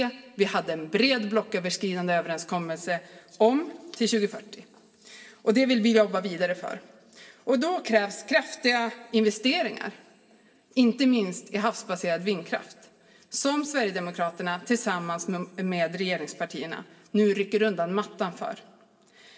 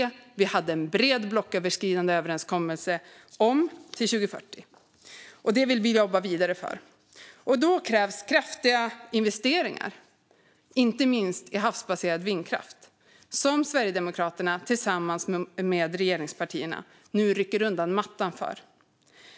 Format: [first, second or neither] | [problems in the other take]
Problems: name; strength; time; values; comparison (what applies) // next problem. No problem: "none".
second | room echo; dies away in 1.7 s